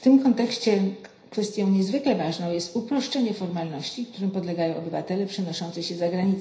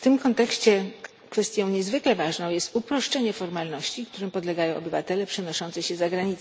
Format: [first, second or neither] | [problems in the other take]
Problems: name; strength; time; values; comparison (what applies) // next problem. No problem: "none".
second | room echo; dies away in 0.5 s